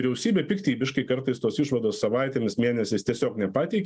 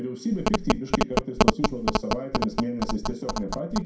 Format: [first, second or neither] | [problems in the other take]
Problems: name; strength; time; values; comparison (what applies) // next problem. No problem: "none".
first | background sound (Telephone); 4 dB above the speech // room echo; dies away in 0.5 s